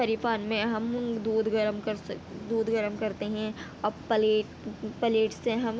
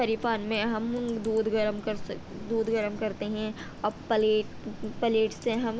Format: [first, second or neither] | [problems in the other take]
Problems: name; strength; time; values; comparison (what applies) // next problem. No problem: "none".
first | background sound (Computer keyboard); 15 dB below the speech